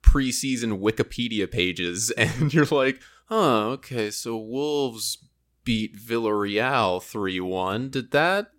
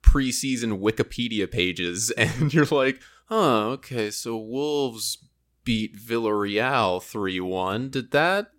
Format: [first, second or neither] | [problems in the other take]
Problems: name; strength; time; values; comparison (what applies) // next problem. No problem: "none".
neither | none